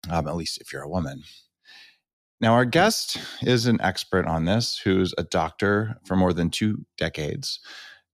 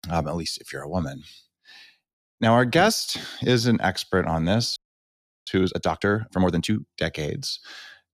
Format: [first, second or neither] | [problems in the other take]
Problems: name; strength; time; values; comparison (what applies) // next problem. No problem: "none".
first | audio freezing; at 5 s for 0.5 s